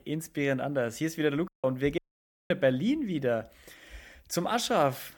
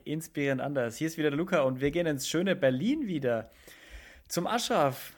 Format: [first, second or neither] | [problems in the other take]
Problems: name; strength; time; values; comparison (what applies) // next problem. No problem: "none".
second | audio cutting out; at 1.5 s and at 2 s for 0.5 s